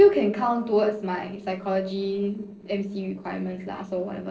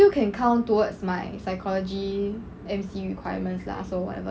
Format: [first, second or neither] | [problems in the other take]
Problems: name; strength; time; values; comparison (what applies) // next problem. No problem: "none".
second | noise reduction (neural separator model SepFormer DNS4)